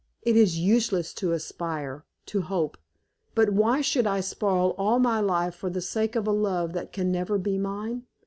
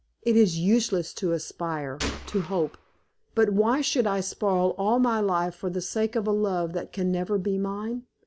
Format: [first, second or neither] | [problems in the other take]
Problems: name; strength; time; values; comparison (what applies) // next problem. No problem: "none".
first | background sound (Gunshot, gunfire); 11 dB below the speech